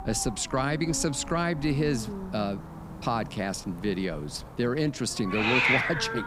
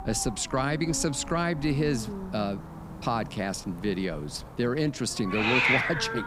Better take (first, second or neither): neither